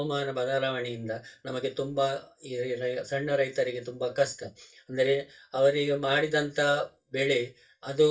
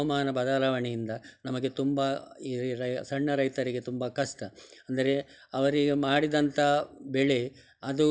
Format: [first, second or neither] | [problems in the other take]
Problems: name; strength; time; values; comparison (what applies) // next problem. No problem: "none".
second | noise reduction (neural mask model DeepFilterNet 3)